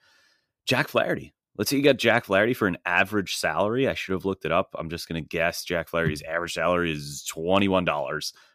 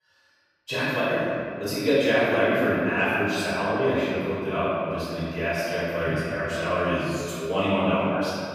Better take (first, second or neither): first